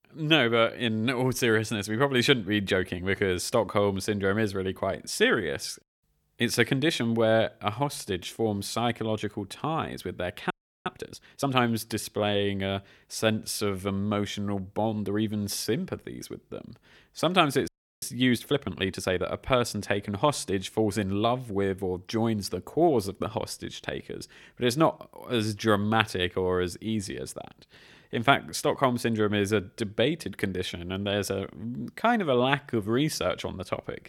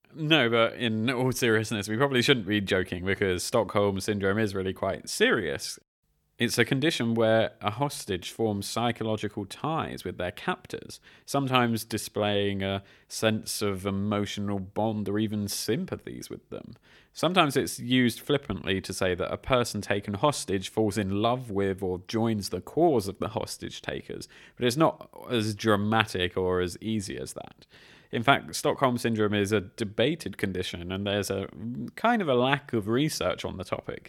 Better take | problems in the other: second | audio freezing; at 11 s and at 18 s

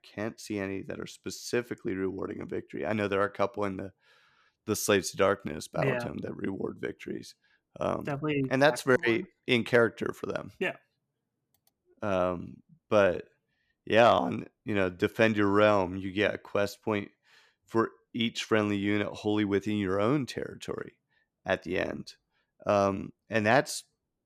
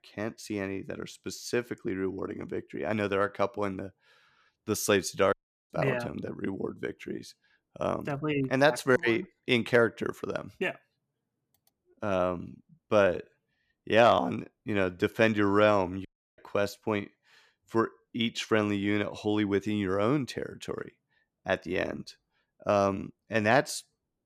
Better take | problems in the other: first | audio cutting out; at 5.5 s and at 16 s

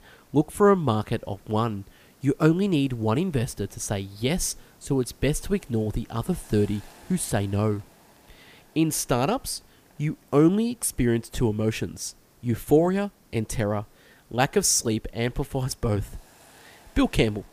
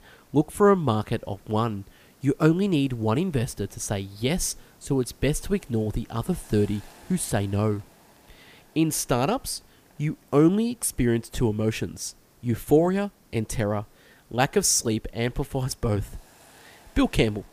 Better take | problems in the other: neither | hiss; faint; throughout; 30 dB below the speech; the same in both

